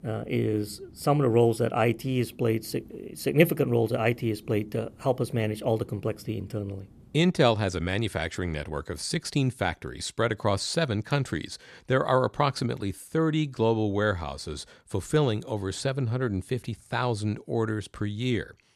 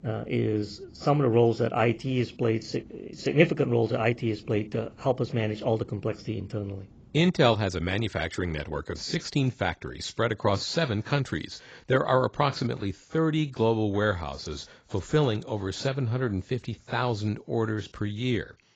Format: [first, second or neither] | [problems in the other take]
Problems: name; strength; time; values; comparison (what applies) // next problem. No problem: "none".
first | garbled, watery; badly; nothing above 7.5 kHz